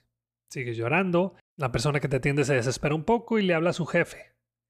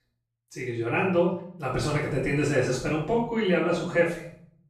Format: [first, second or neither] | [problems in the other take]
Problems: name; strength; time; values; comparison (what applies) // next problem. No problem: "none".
first | off-mic speech; far // room echo; noticeable; dies away in 0.5 s